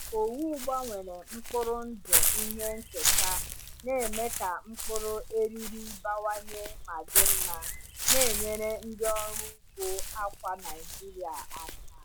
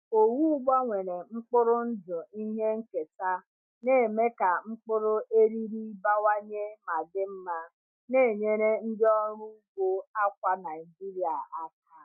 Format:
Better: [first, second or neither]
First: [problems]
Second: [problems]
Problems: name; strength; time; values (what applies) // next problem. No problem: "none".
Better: second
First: background sound (Walk, footsteps / Bird); 3 dB above the speech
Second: none